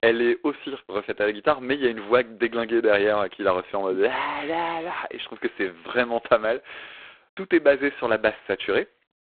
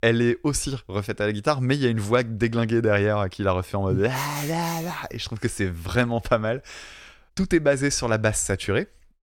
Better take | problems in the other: second | phone-call audio; poor line; nothing above 4 kHz

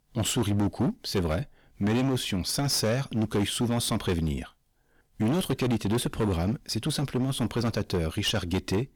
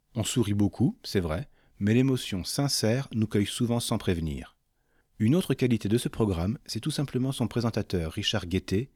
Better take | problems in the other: second | distortion; heavy; 17% of the sound clipped

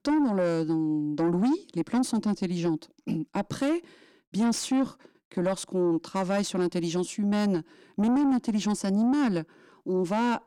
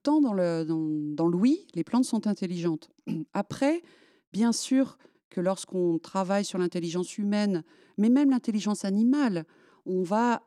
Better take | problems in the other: second | distortion; slight; 10 dB below the speech

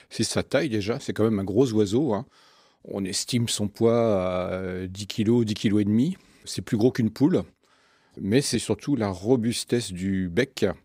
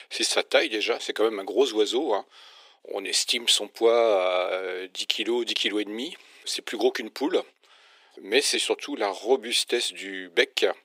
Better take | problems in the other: first | thin; very; fading below 350 Hz

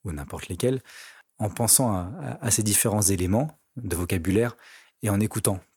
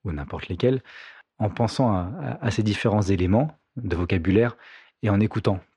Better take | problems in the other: first | muffled; very; fading above 4 kHz

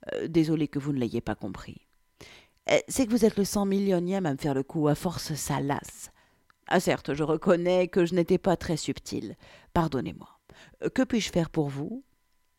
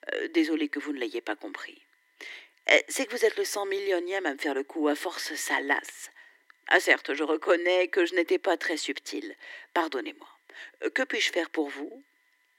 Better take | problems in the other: first | thin; somewhat; fading below 300 Hz

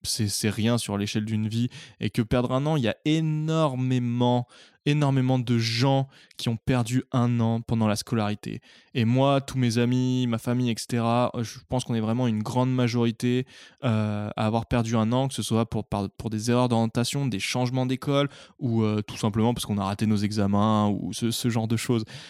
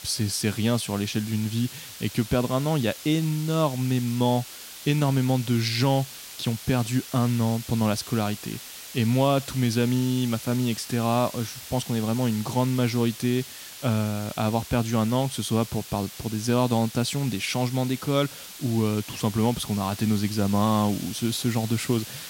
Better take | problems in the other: first | hiss; noticeable; throughout; 15 dB below the speech

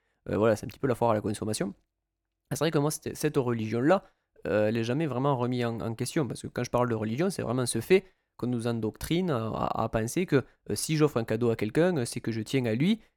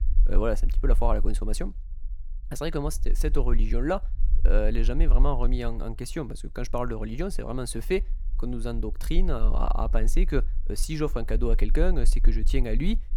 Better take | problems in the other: first | low rumble; faint; throughout; 20 dB below the speech

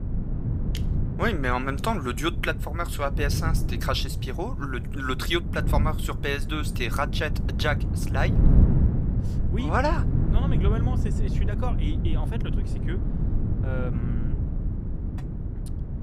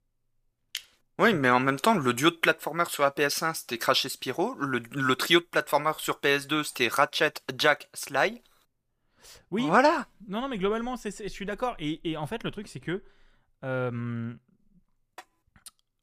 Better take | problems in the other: second | wind noise on the microphone; heavy; 9 dB below the speech

